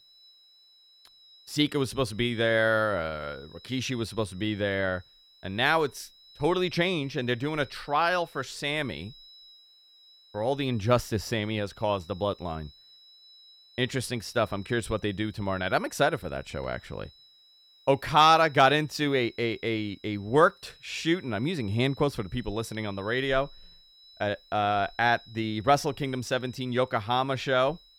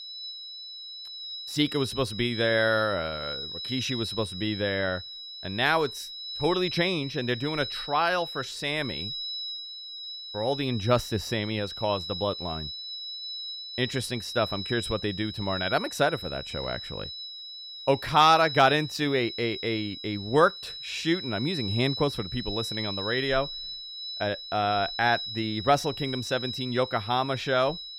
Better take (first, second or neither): first